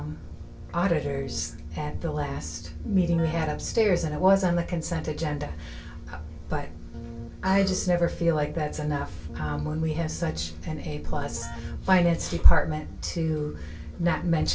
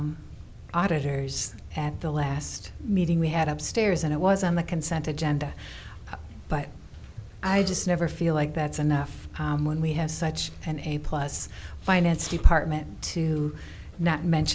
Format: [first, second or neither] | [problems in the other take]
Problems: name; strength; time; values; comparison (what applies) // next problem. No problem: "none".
second | background sound (Keyboard (musical)); 19 dB below the speech // room echo; dies away in 0.2 s